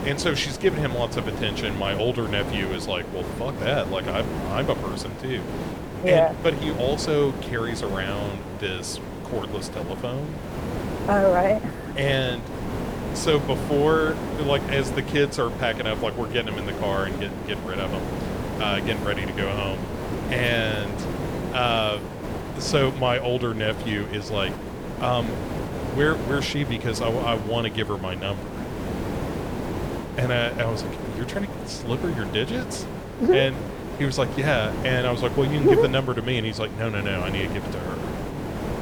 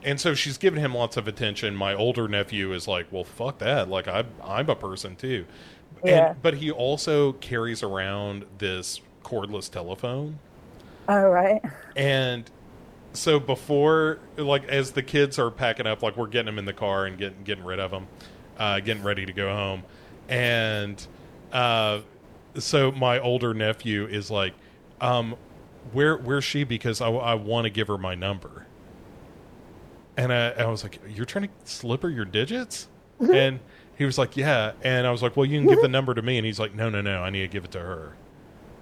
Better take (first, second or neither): second